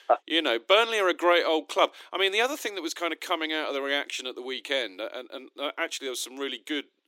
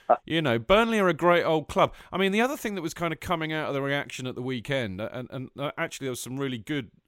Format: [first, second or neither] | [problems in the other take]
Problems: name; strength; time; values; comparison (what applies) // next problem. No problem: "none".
second | thin; somewhat; fading below 300 Hz